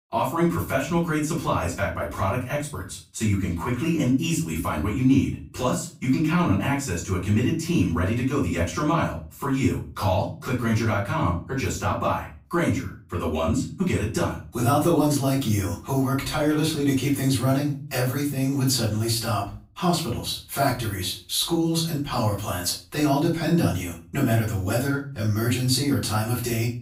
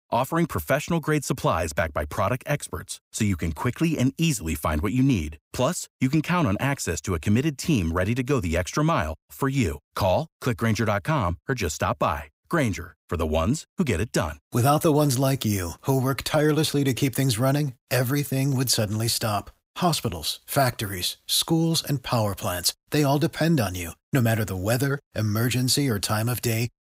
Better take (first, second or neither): second